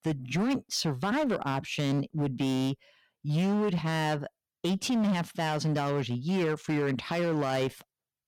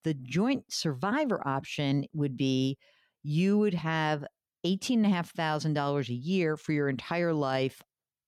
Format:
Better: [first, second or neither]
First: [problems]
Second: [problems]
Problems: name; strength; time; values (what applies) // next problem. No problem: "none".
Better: second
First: distortion; slight; 16% of the sound clipped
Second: none